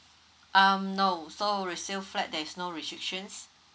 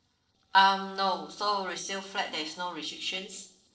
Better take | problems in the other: first | noise reduction (neural separator model SepFormer DNS4)

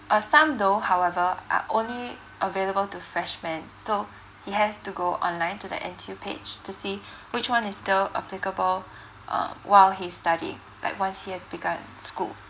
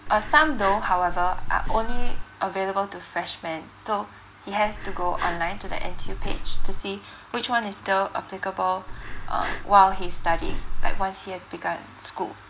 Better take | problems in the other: first | background sound (Breathing); 3 dB above the speech

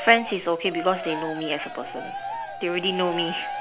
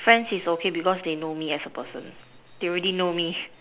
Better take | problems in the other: second | background sound (Cheering); 8 dB below the speech

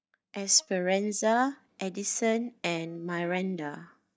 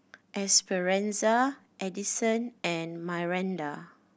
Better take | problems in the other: second | noise reduction (neural mask model DeepFilterNet 3)

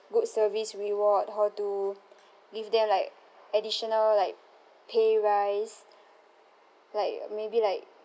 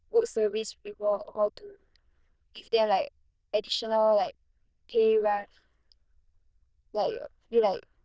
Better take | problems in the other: first | noise reduction (neural diffusion model UNIVERSE++)

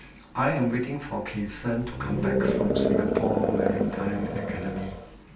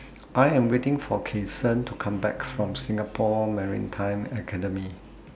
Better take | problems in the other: second | background sound (Animal); 3 dB above the speech // room echo; dies away in 0.3 s

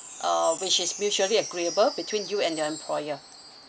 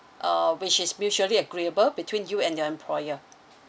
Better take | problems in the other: second | background sound (Wind chime); 11 dB below the speech

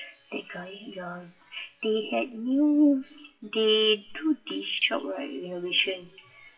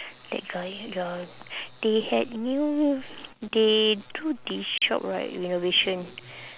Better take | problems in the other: second | noise reduction (classical method WPE with log-MMSE)

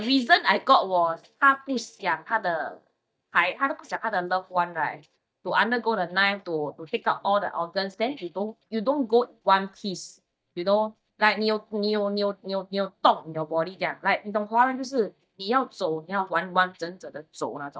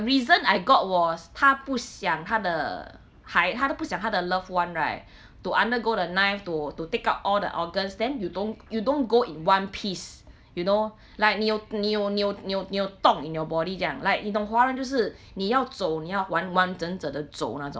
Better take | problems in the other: second | noise reduction (neural mask model DeepFilterNet 3)

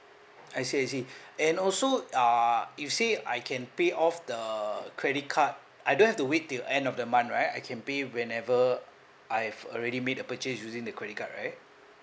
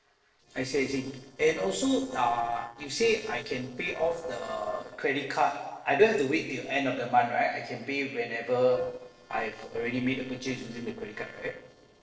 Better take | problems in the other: first | noise reduction (neural separator model SepFormer DNS4)

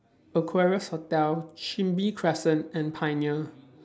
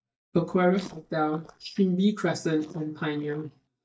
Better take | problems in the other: first | noise reduction (neural mask model DeepFilterNet 3)

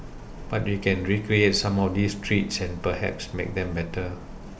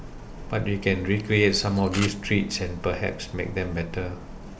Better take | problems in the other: first | background sound (Camera); 12 dB below the speech

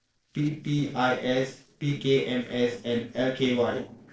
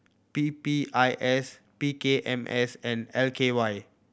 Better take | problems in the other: second | noise reduction (neural separator model SepFormer DNS4)

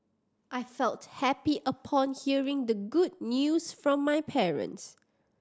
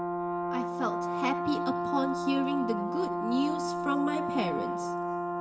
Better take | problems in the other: first | background sound (Brass instrument); 1 dB above the speech // room echo; dies away in 2.3 s

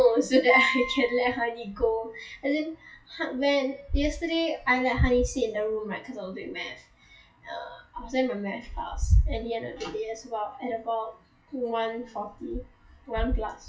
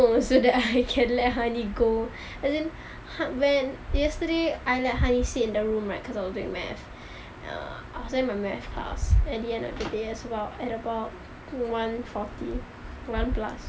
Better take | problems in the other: second | noise reduction (classical method WPE with log-MMSE)

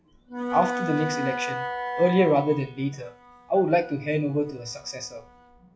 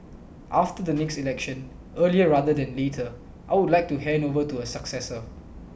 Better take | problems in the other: second | noise reduction (classical method log-MMSE)

